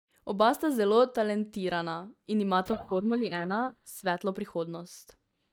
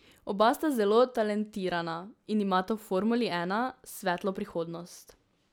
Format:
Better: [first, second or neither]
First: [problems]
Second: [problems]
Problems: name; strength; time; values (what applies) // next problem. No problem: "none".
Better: second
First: noise reduction (neural mask model DeepFilterNet 3)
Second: none